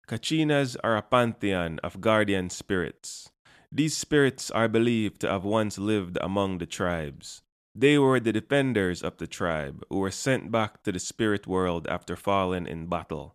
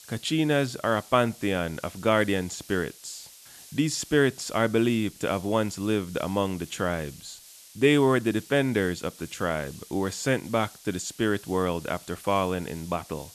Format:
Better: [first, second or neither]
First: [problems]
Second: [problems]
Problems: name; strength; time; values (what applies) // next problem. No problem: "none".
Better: first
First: none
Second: hiss; noticeable; throughout; 20 dB below the speech